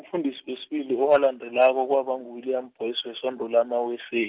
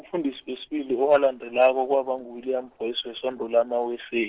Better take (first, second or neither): first